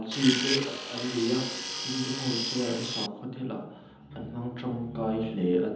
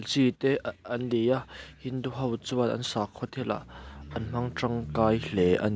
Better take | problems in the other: second | background sound (Tools); 3 dB below the speech // room echo; dies away in 0.9 s

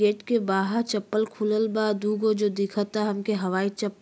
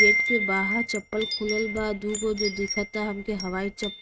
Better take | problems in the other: first | noise reduction (neural mask model RNNoise)

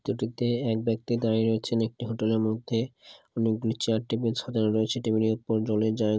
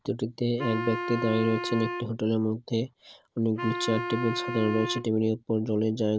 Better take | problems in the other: first | background sound (Wind instrument, woodwind instrument); 8 dB below the speech

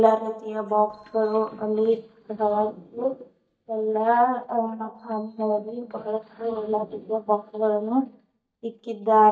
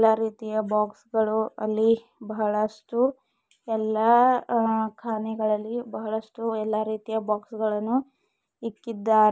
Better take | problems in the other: second | noise reduction (neural mask model DeepFilterNet 3)

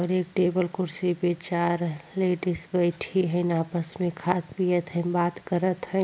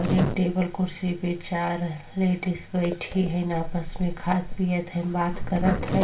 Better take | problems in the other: first | background sound (Zipper (clothing)); 6 dB below the speech // room echo; dies away in 0.3 s

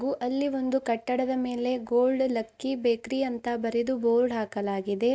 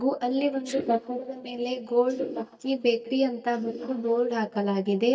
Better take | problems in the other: first | noise reduction (neural mask model DeepFilterNet 3)

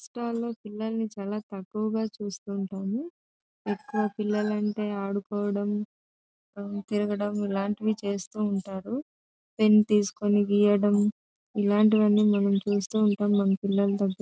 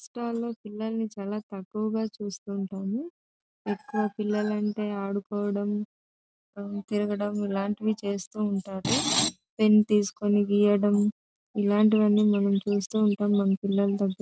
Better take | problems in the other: first | background sound (Screech); 1 dB below the speech

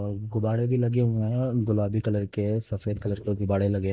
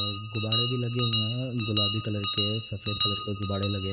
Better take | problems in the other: first | background sound (Bell); as loud as the speech // room echo; dies away in 0.6 s

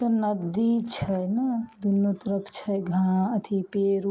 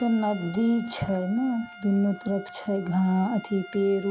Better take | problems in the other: first | background sound (Trumpet); 18 dB below the speech

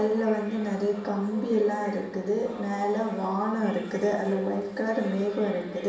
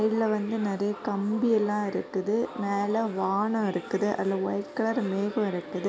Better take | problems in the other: second | room echo; dies away in 0.7 s

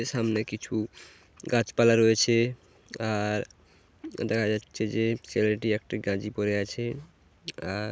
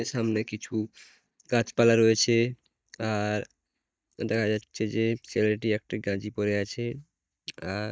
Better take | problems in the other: first | noise reduction (neural mask model DeepFilterNet 3)

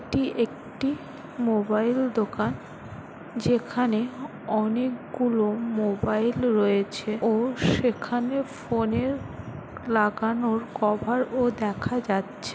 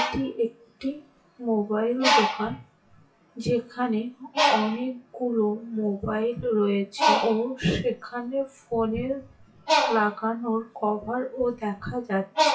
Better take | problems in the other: first | noise reduction (classical method WPE with log-MMSE)

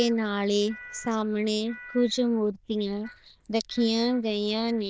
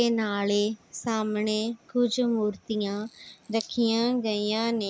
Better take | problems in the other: second | noise reduction (neural diffusion model UNIVERSE++)

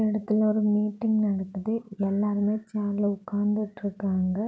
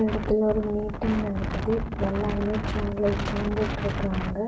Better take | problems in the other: first | background sound (Wind); 3 dB below the speech // room echo; dies away in 0.8 s

